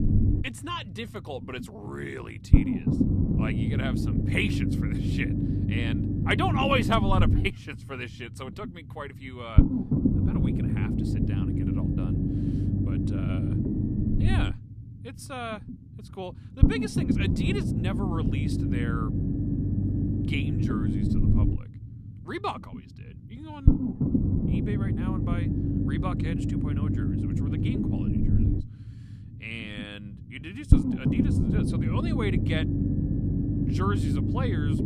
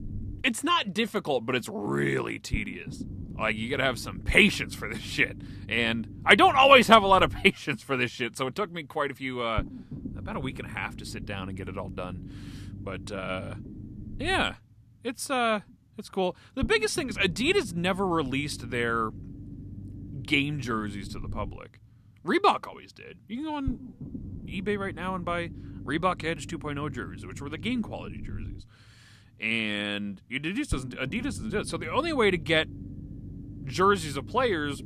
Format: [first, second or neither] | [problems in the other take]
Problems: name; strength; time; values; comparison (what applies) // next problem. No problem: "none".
second | low rumble; loud; throughout; as loud as the speech; faint in the second